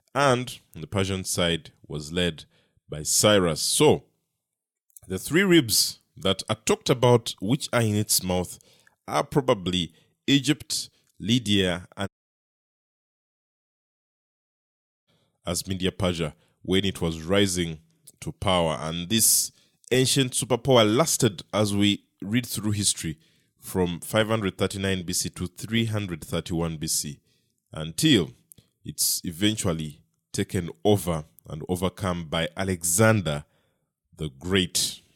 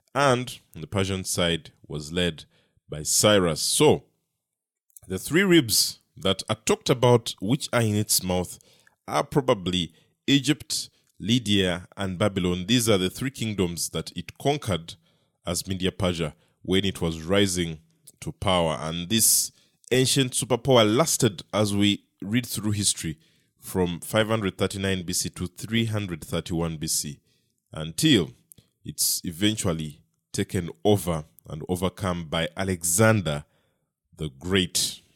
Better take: second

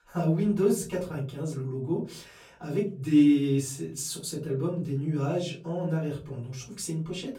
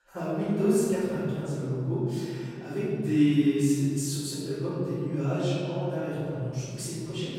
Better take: first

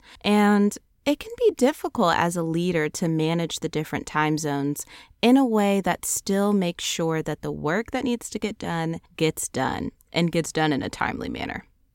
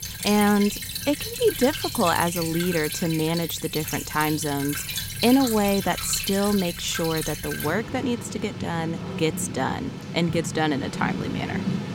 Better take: first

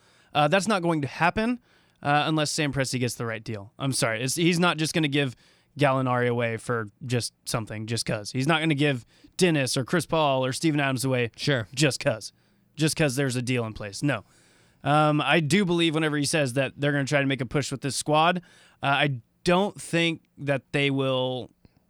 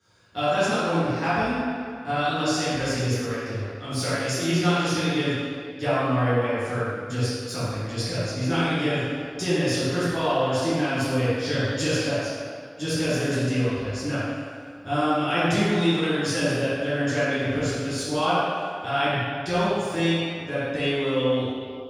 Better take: first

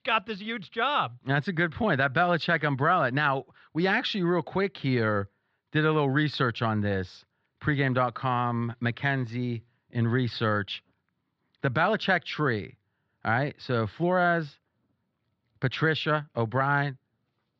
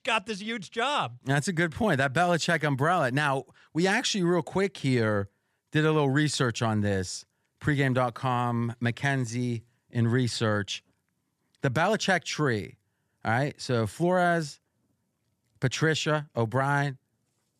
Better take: second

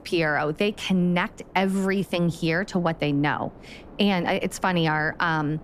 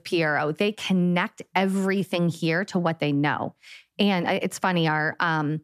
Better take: second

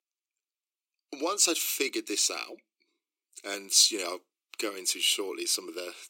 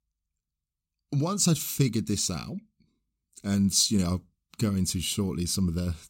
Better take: second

